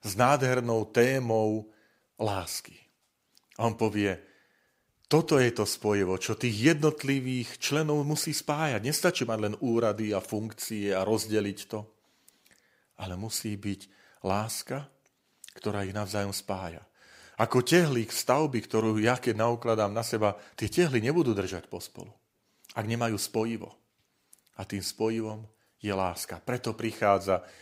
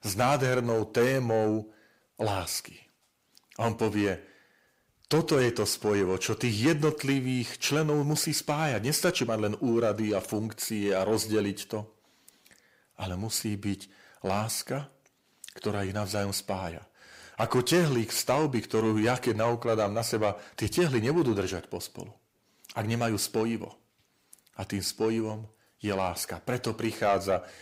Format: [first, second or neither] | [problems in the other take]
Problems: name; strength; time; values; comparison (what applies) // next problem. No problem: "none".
first | distortion; slight; 10 dB below the speech